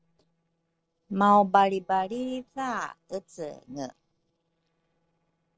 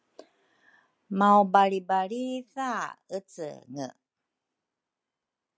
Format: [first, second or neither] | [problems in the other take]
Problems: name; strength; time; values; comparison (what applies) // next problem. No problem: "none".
second | noise reduction (neural separator model SepFormer DNS4)